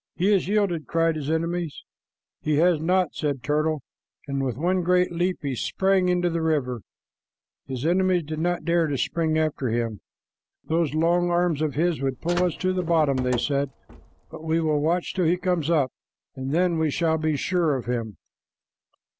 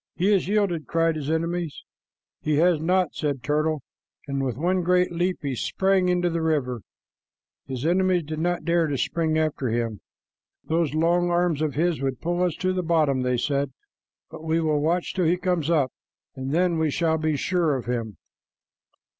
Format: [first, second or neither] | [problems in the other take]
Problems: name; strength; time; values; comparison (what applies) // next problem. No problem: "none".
second | background sound (Car); 14 dB below the speech